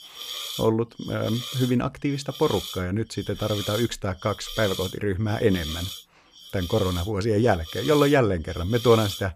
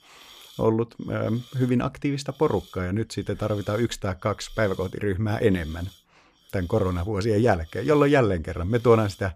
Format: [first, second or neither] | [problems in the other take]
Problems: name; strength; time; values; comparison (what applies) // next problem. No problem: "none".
second | hiss; loud; throughout; 10 dB below the speech; faint in the second